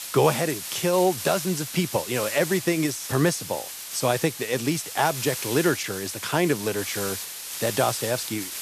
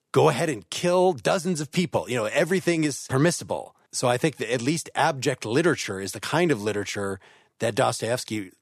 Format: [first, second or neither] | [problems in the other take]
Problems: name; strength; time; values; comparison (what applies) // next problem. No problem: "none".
second | hiss; loud; throughout; 7 dB below the speech